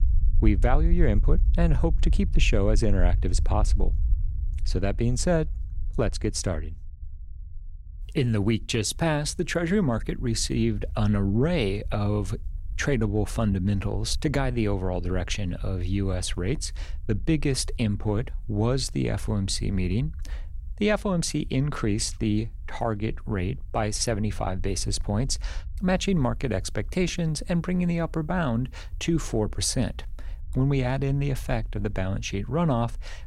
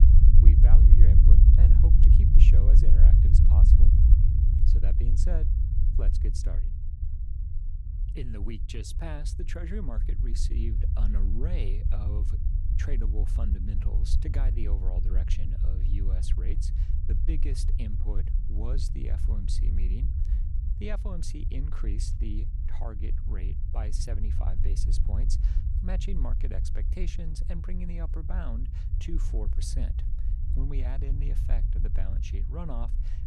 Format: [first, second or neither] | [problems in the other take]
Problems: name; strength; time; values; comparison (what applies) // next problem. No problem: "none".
first | low rumble; loud; throughout; as loud as the speech; faint in the first